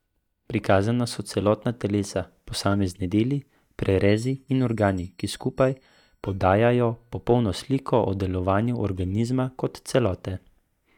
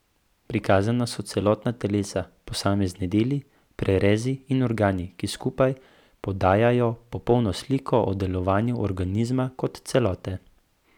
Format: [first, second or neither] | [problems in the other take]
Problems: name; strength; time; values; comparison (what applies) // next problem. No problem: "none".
second | noise reduction (neural mask model DeepFilterNet 3)